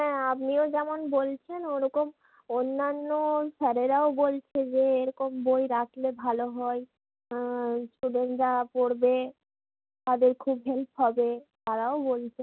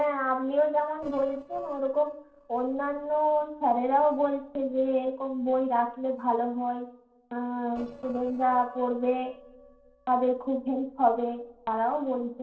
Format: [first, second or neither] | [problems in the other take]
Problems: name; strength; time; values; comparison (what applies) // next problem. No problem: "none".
first | noise reduction (neural separator model SepFormer DNS4)